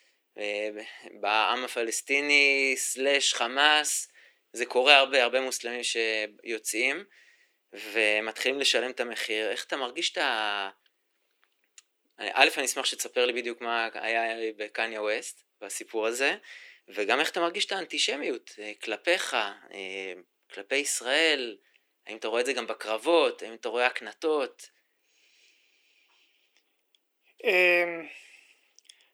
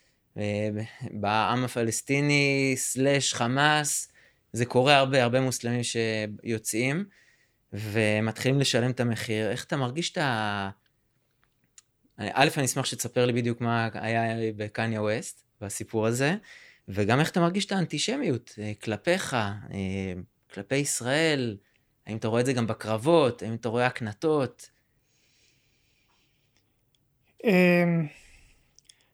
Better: second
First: thin; very; fading below 350 Hz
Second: none

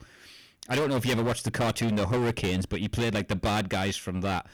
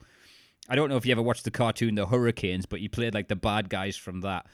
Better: second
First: distortion; heavy; 22% of the sound clipped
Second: none

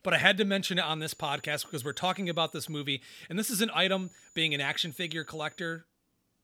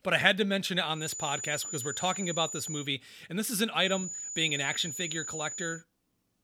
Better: first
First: high-pitched whine; faint; from 1 to 3 s and from 4 to 6 s; 7 kHz, 30 dB below the speech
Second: high-pitched whine; loud; from 1 to 3 s and from 4 to 6 s; 7 kHz, 6 dB below the speech

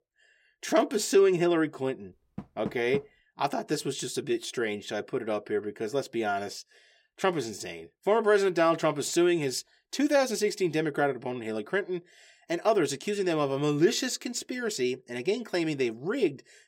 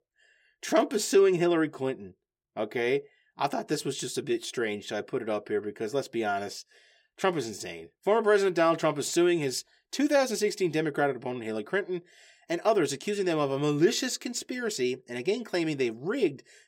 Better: second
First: door banging; noticeable; at 2.5 s; peak 9 dB below the speech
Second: none

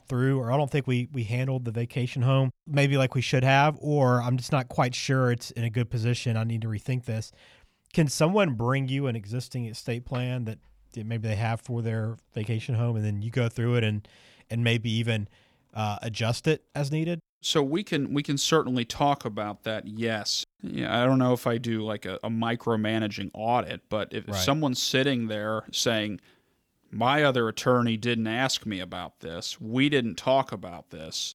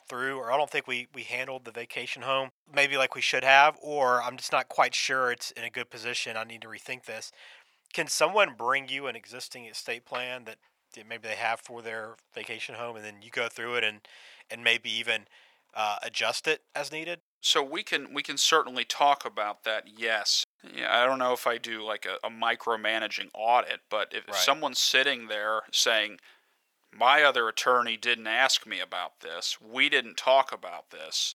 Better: first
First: none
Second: thin; very; fading below 750 Hz

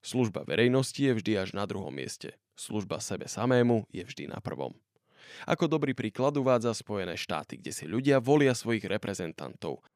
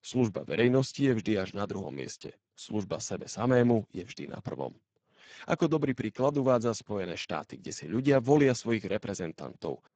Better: first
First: none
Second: garbled, watery; badly; nothing above 7.5 kHz

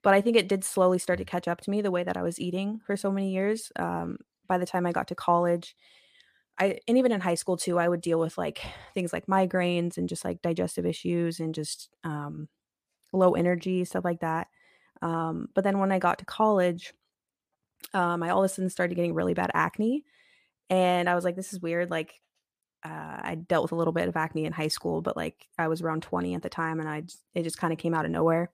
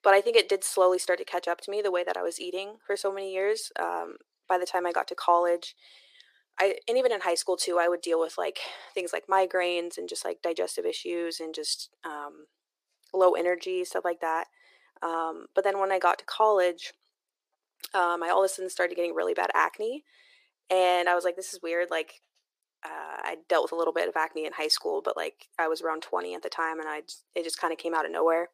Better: first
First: none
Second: thin; very; fading below 350 Hz

